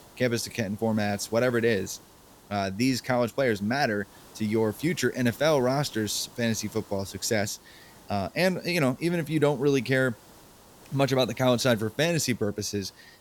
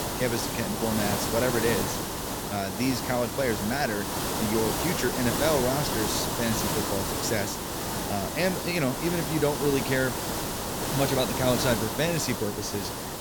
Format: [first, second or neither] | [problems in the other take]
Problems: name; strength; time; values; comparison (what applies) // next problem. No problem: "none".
first | hiss; loud; throughout; 1 dB below the speech; faint in the first